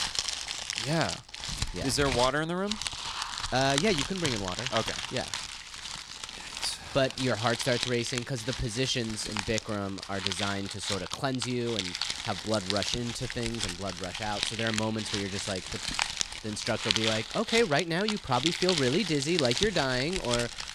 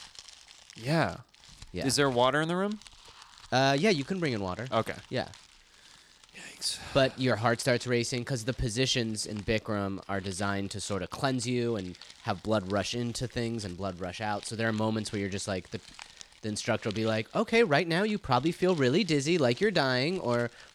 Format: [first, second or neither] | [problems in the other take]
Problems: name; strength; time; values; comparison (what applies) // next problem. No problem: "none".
second | household noises; loud; throughout; 2 dB below the speech; faint in the second